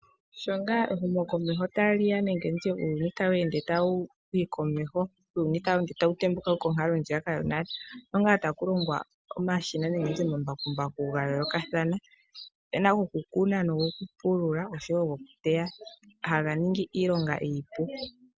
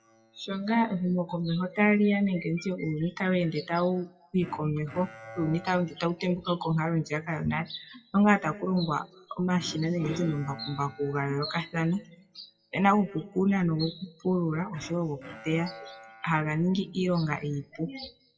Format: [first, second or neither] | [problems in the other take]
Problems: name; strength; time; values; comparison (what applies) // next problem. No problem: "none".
first | noise reduction (classical method WPE with log-MMSE)